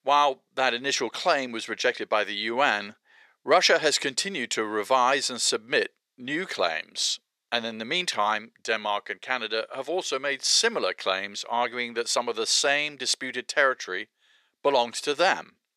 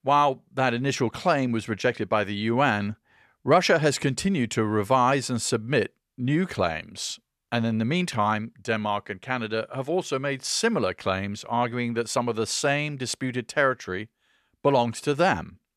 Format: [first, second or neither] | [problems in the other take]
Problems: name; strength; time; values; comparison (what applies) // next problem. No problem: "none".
second | thin; somewhat; fading below 450 Hz